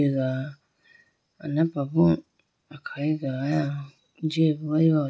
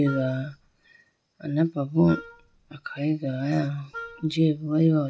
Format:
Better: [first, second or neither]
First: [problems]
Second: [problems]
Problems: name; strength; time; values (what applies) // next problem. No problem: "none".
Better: first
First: none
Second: background sound (Wind instrument, woodwind instrument); 17 dB below the speech